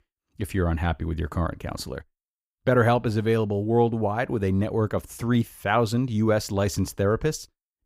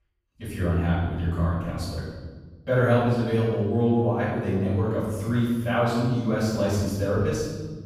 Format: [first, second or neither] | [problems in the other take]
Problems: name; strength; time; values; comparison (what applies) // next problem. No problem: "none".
first | room echo; strong; dies away in 1.4 s // off-mic speech; far